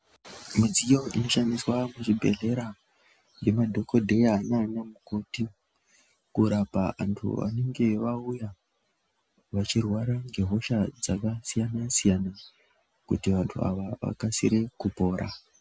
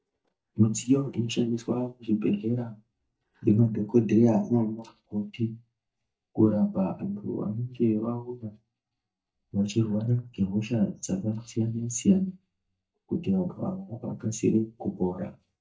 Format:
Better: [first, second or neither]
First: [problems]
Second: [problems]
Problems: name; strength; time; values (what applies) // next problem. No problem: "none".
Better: first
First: none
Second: noise reduction (neural mask model DeepFilterNet 3)